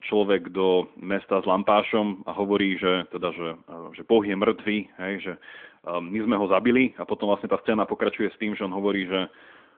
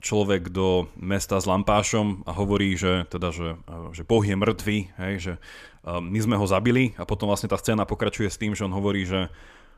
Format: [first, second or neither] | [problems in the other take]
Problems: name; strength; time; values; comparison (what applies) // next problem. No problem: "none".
second | phone-call audio; nothing above 3.5 kHz